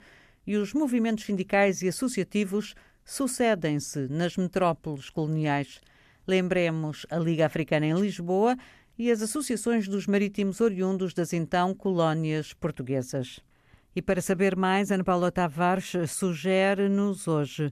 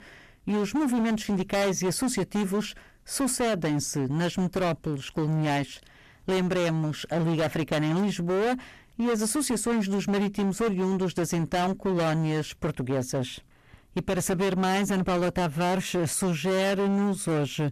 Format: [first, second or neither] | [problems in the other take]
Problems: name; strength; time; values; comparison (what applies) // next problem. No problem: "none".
first | distortion; heavy; 24% of the sound clipped